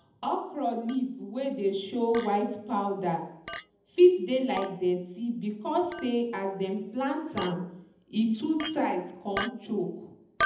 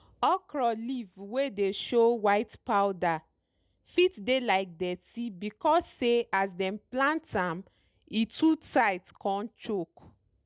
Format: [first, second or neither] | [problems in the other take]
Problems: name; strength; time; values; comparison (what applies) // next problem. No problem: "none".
second | background sound (Chink, clink); 13 dB below the speech // room echo; dies away in 0.8 s